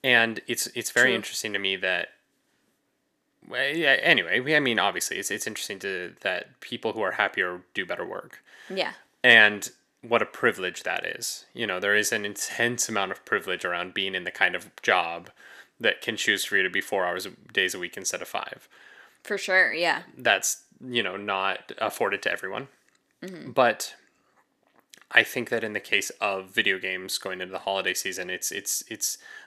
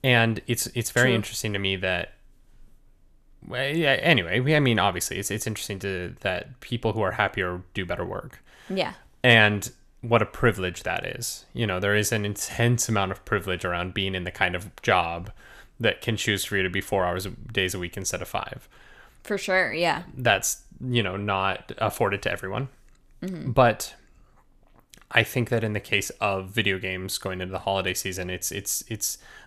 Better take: second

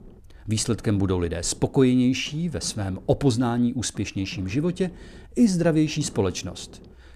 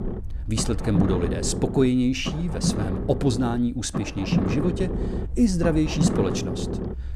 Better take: first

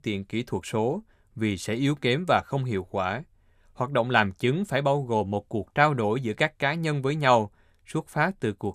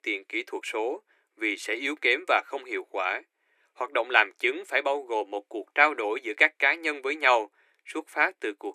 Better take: first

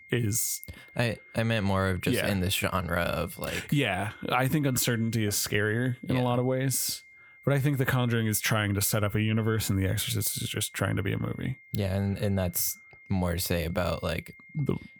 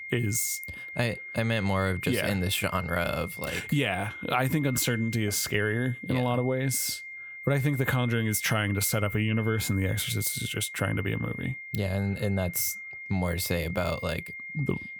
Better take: first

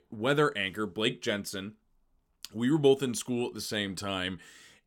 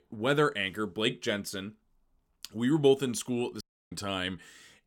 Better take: first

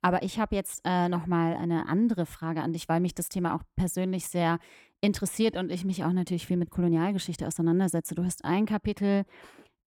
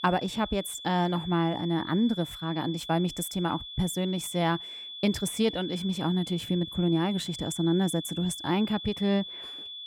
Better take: first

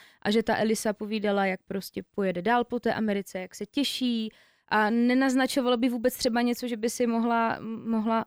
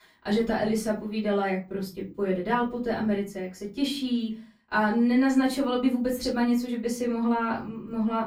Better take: first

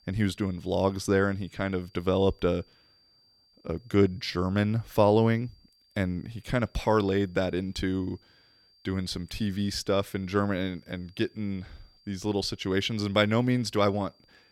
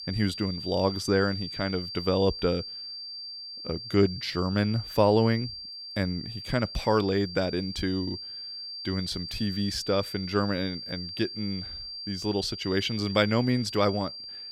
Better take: first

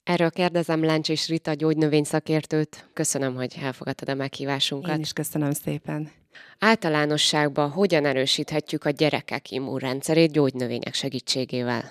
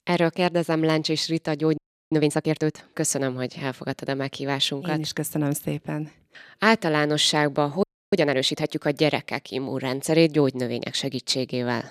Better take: first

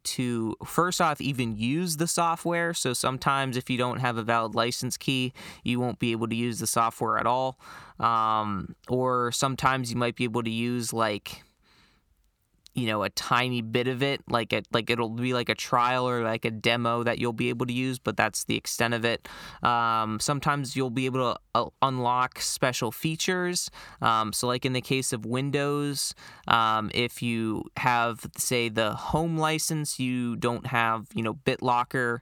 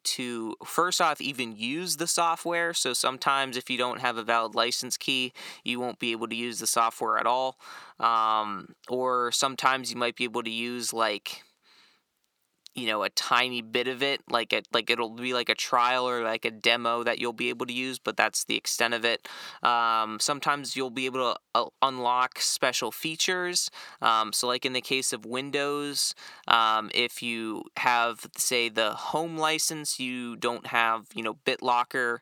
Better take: first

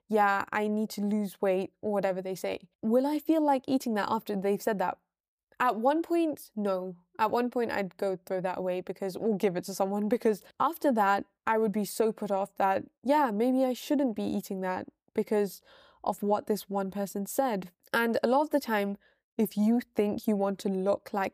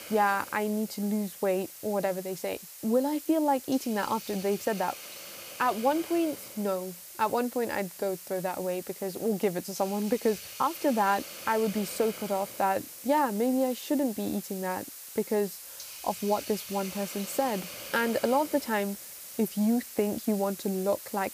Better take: first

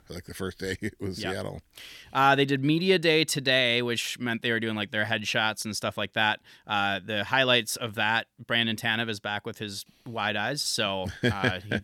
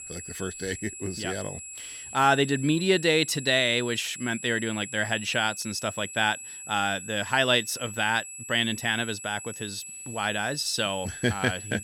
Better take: first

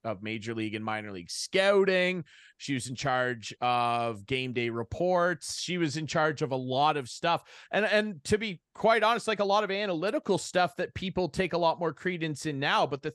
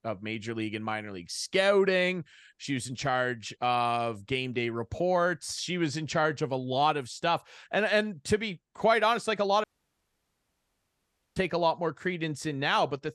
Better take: first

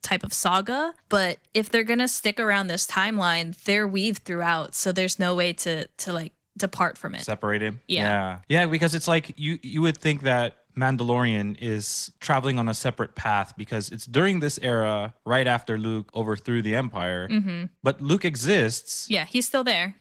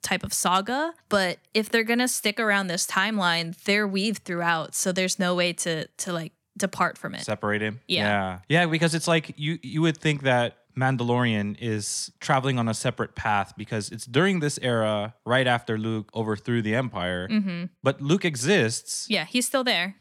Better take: second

